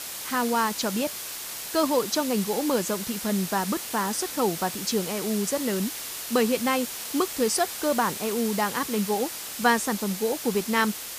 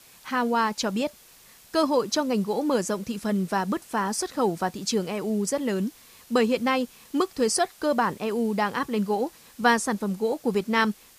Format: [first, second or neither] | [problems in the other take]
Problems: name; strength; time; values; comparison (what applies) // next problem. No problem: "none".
second | hiss; loud; throughout; 6 dB below the speech; faint in the second